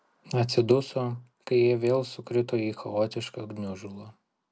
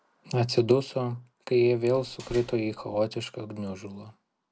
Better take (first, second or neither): first